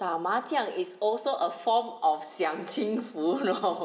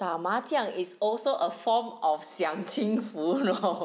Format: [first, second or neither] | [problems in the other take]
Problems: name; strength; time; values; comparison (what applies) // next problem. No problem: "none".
second | room echo; dies away in 2.6 s